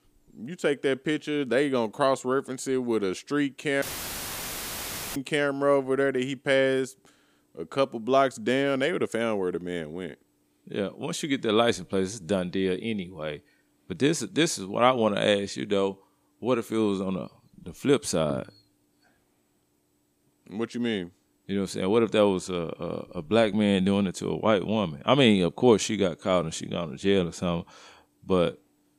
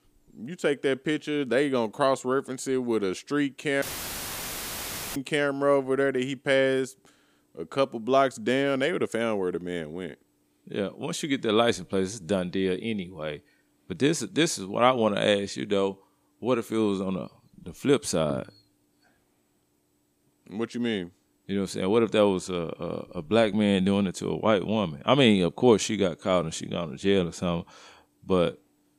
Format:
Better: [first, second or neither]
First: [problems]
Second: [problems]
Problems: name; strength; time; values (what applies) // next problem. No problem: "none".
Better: neither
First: audio cutting out; filled with static; at 4 s for 1.5 s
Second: audio cutting out; filled with static; at 4 s for 1.5 s